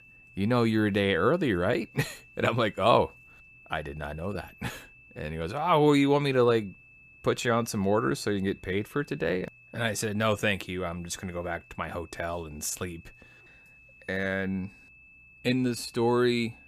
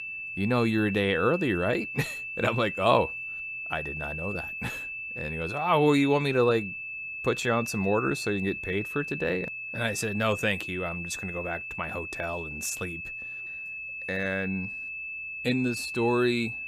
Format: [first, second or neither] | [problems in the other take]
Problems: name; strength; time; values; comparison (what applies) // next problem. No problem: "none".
first | high-pitched whine; loud; throughout; 2.5 kHz, 6 dB below the speech; faint in the first